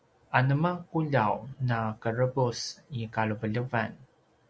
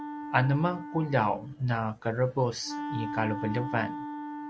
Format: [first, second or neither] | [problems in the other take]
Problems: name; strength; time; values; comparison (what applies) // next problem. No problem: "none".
first | background sound (Wind instrument, woodwind instrument); 8 dB below the speech